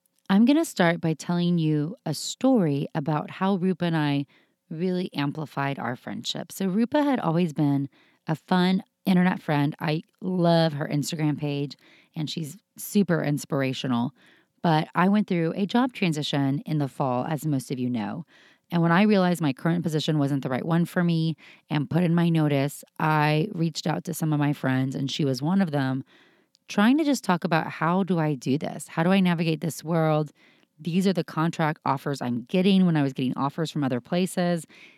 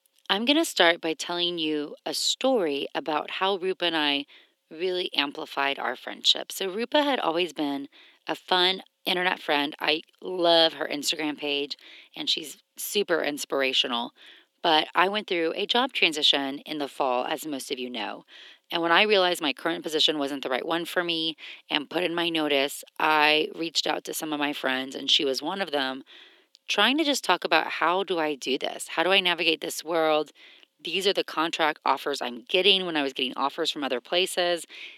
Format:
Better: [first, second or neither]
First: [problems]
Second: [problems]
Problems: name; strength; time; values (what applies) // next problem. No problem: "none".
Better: first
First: none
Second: thin; somewhat; fading below 350 Hz